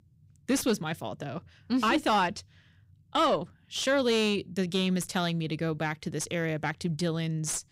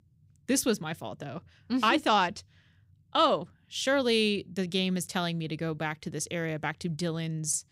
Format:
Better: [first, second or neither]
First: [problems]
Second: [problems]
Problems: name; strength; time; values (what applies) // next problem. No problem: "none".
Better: second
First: distortion; slight; 10 dB below the speech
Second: none